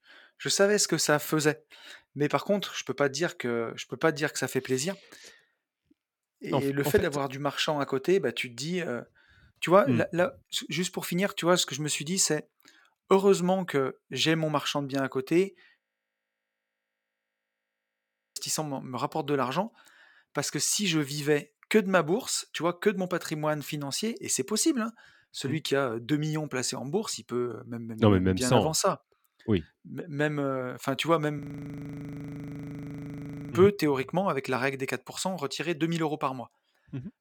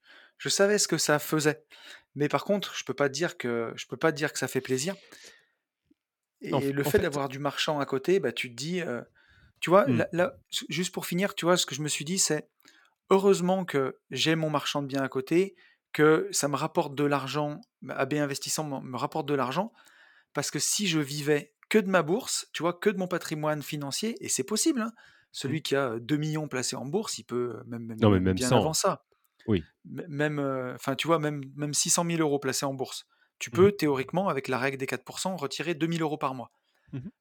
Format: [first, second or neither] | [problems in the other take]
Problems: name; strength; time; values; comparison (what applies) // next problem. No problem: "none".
second | audio freezing; at 16 s for 2.5 s and at 31 s for 2 s